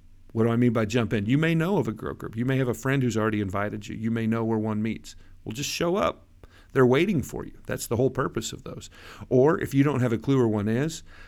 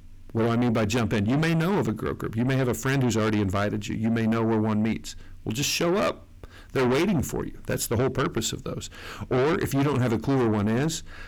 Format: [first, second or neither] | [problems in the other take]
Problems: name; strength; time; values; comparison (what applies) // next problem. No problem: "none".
first | distortion; heavy; 6 dB below the speech